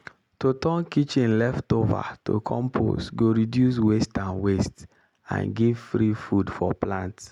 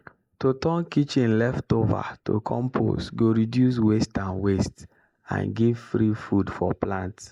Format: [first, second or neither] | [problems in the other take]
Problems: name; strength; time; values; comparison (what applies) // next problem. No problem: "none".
first | noise reduction (neural mask model Resemble Enhance denoiser)